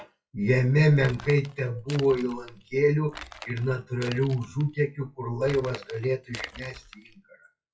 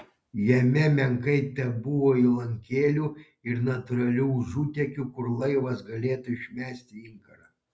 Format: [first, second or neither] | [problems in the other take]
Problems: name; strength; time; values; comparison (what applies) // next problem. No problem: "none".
second | noise reduction (classical method WPE with log-MMSE)